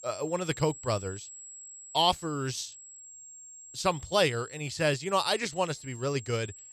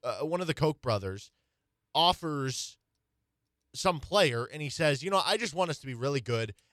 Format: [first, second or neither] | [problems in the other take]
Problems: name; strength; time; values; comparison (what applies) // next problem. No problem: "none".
second | high-pitched whine; noticeable; throughout; 7.5 kHz, 15 dB below the speech